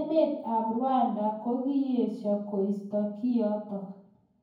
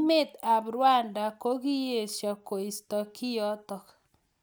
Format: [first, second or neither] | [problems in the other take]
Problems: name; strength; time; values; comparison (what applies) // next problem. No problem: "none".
second | room echo; dies away in 0.9 s